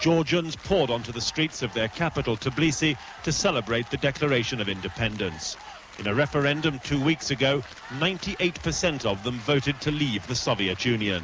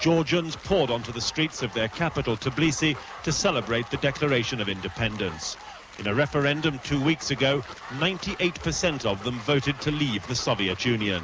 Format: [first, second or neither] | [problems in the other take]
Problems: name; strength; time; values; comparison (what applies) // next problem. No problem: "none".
first | background sound (Dog); 19 dB below the speech